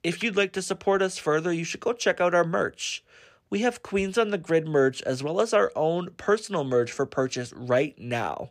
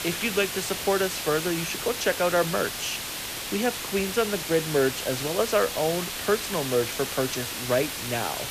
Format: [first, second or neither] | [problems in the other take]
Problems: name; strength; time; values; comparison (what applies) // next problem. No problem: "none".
first | hiss; loud; throughout; 4 dB below the speech